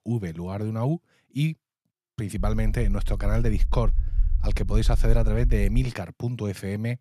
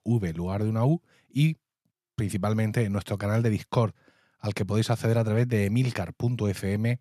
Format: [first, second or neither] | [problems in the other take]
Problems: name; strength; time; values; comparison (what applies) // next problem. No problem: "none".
second | low rumble; noticeable; from 2.5 to 6 s; 20 dB below the speech